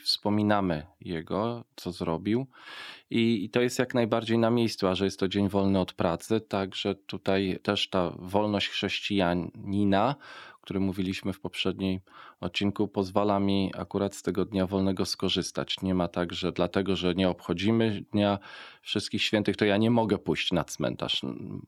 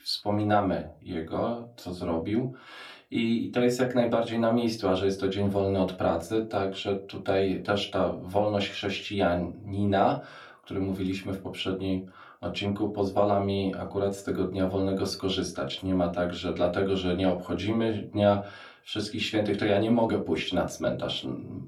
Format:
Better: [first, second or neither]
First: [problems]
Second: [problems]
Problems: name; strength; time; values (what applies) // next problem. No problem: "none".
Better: first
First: none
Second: off-mic speech; far // room echo; very slight; dies away in 0.2 s